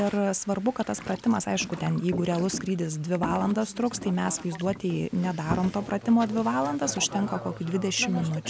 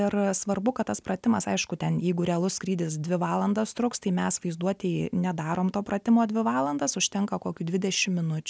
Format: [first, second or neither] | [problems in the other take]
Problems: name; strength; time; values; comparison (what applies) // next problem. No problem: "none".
second | background sound (Boat, Water vehicle); 11 dB below the speech